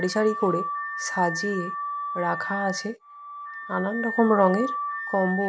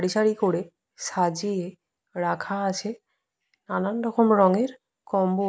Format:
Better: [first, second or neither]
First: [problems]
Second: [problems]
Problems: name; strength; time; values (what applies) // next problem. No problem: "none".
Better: second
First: background sound (Alarm / Car); 6 dB below the speech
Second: none